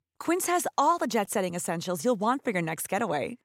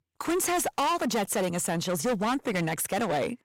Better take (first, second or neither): first